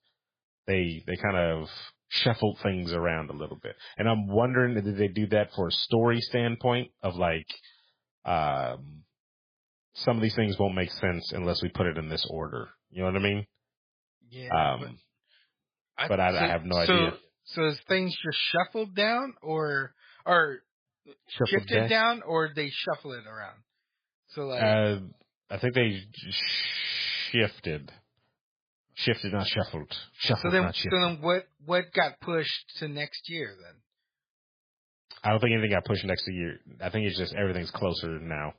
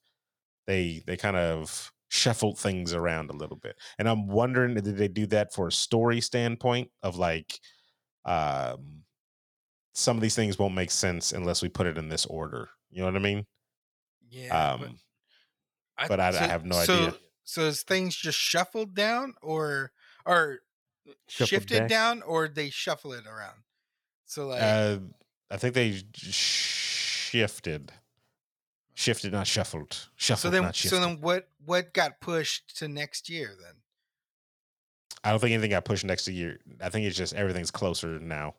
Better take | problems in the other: second | garbled, watery; badly; nothing above 5 kHz

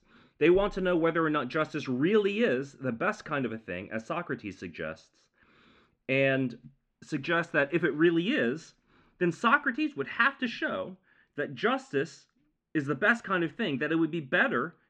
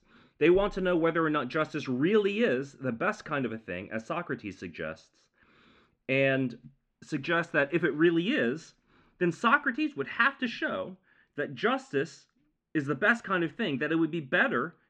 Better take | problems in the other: neither | muffled; very; fading above 2 kHz; the same in both

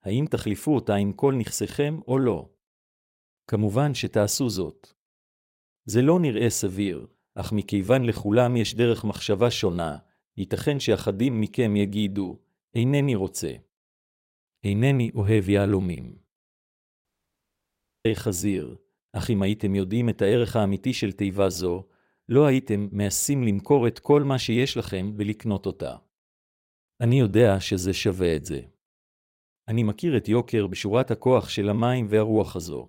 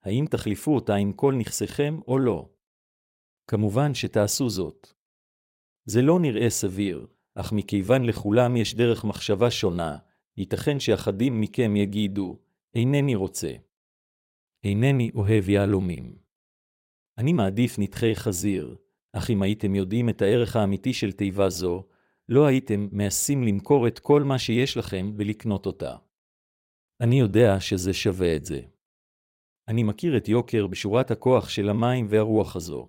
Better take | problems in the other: second | audio cutting out; at 17 s for 1 s

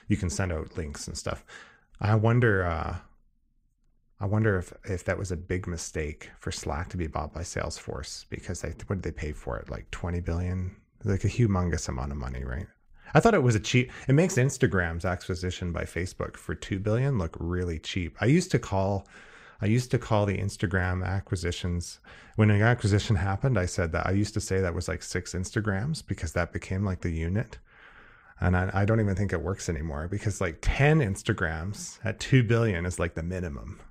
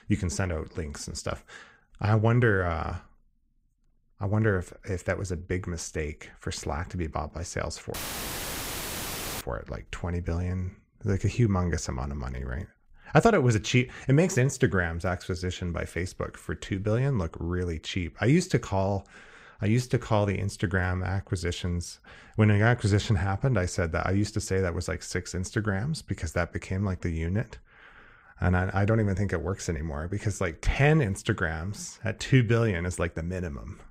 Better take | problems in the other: first | audio cutting out; filled with static; at 8 s for 1.5 s

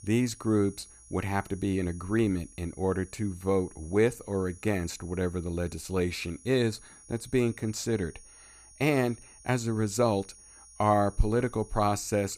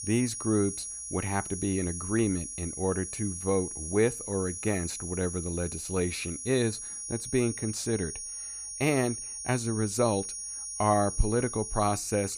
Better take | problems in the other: first | high-pitched whine; loud; throughout; 10 kHz, 6 dB below the speech; faint in the first

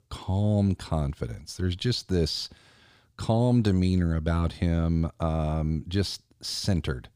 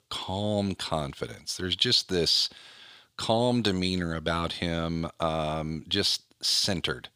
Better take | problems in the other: first | thin; somewhat; fading below 1 kHz

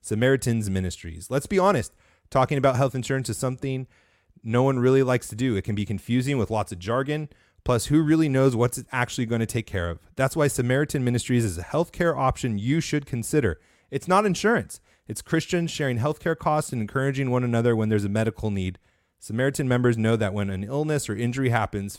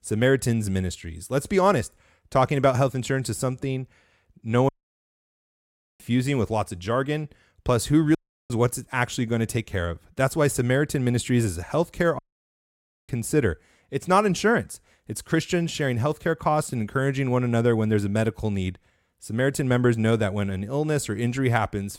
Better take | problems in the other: first | audio cutting out; at 4.5 s for 1.5 s, at 8 s and at 12 s for 1 s

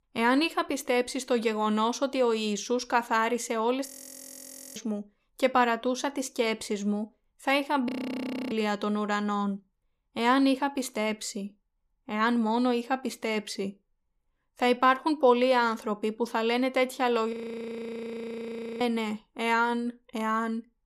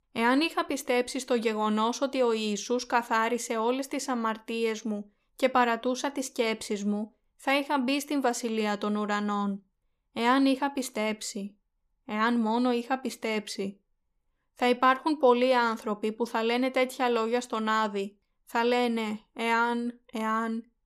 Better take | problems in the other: second | audio freezing; at 4 s for 1 s, at 8 s for 0.5 s and at 17 s for 1.5 s

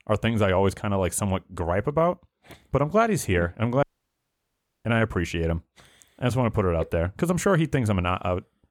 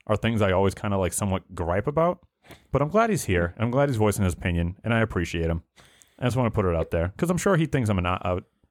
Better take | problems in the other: second | audio cutting out; at 4 s for 1 s

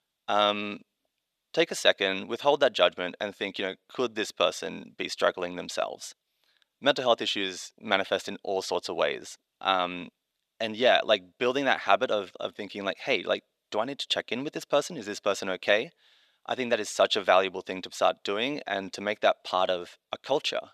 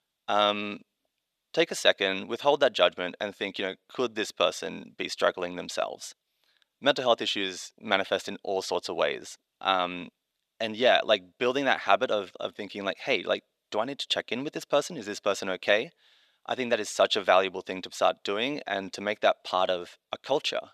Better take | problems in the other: neither | thin; somewhat; fading below 450 Hz; the same in both

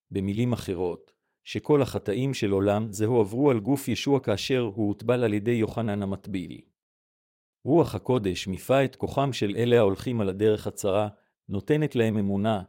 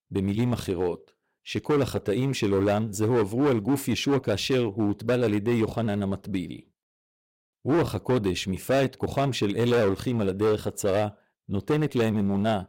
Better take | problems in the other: first | distortion; slight; 9% of the sound clipped

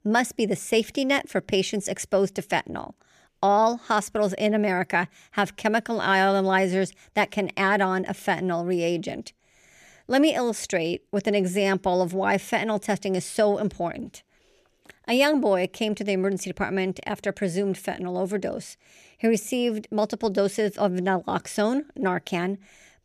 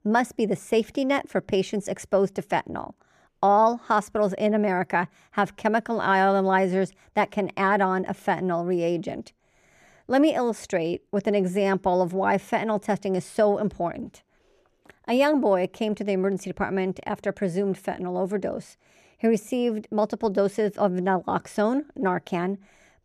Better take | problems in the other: first | muffled; slightly; fading above 1.5 kHz

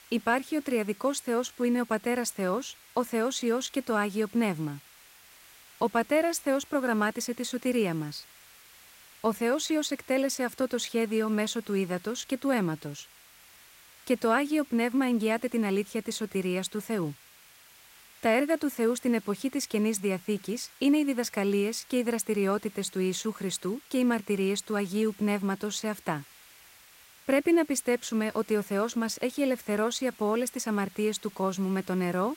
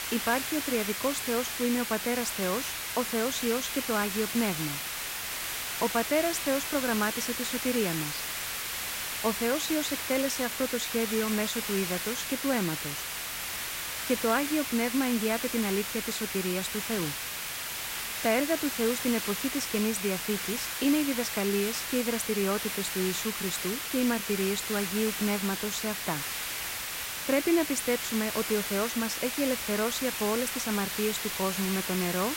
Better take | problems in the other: first | hiss; loud; throughout; 2 dB below the speech; faint in the first

